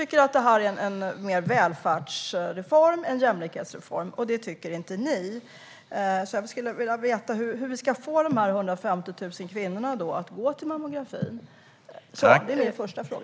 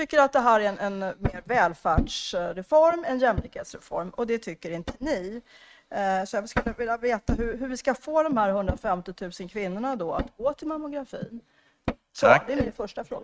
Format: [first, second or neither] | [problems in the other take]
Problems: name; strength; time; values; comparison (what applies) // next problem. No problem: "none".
first | noise reduction (neural mask model RNNoise)